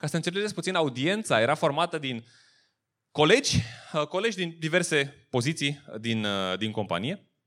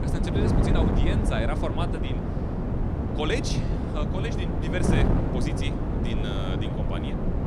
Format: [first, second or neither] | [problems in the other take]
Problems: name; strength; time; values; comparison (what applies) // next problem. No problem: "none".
first | wind noise on the microphone; heavy; 1 dB above the speech